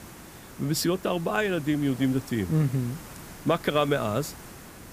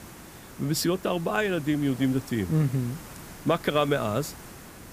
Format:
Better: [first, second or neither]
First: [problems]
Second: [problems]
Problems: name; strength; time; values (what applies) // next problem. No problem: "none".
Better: neither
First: hiss; noticeable; throughout; 15 dB below the speech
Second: hiss; noticeable; throughout; 15 dB below the speech